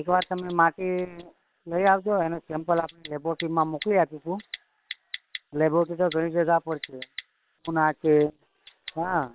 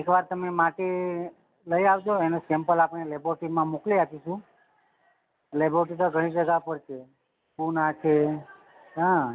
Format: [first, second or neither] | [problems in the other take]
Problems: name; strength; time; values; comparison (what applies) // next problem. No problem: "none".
second | noise reduction (neural separator model SepFormer WHAM!)